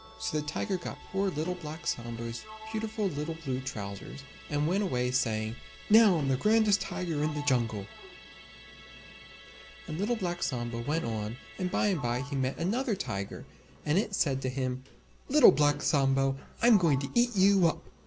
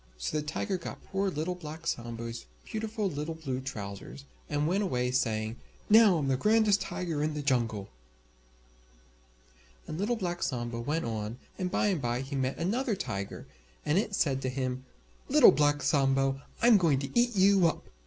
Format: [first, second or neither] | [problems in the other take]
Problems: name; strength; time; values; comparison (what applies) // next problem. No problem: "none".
second | background sound (Musical instrument + Sliding door); 19 dB below the speech